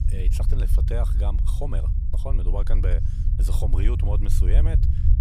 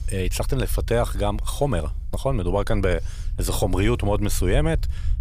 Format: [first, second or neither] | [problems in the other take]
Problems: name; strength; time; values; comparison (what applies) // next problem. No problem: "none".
second | low rumble; loud; throughout; 5 dB below the speech; faint in the second